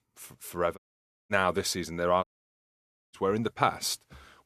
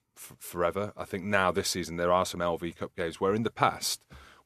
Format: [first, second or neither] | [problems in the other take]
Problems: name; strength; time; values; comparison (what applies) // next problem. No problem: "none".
second | audio cutting out; at 1 s for 0.5 s and at 2 s for 1 s